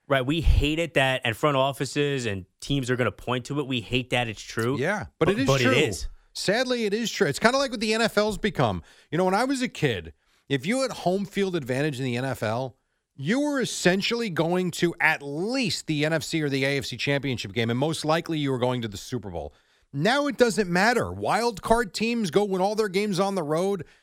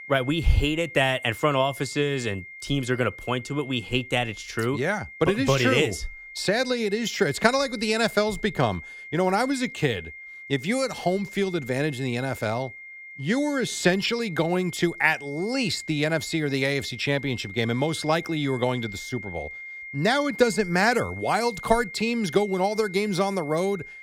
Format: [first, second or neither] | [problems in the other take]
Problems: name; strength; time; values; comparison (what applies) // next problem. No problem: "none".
first | high-pitched whine; noticeable; throughout; 2 kHz, 15 dB below the speech